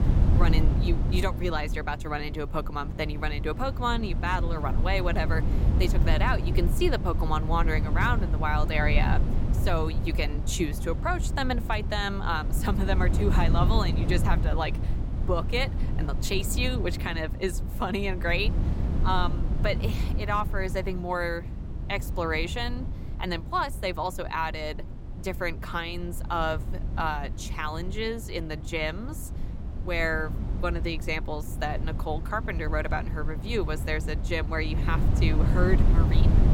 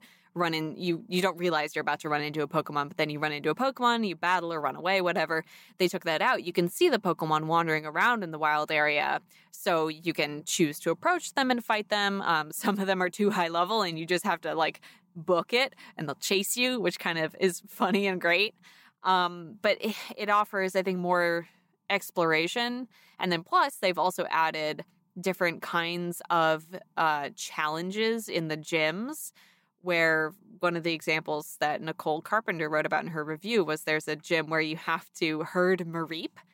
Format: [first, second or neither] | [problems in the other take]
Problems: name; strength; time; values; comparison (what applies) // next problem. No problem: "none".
second | wind noise on the microphone; occasional gusts; 10 dB below the speech